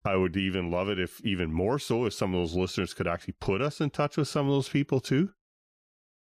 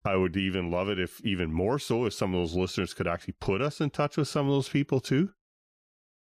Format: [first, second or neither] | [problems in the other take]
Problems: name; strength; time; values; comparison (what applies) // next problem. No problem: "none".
neither | none